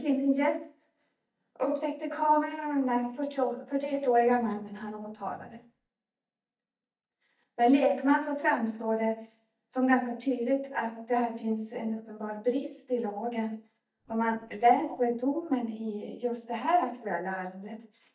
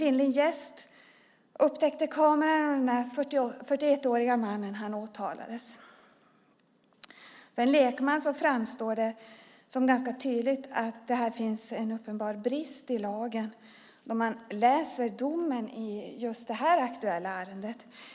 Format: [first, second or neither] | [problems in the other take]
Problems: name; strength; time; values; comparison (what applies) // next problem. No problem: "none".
second | noise reduction (neural mask model DeepFilterNet 3)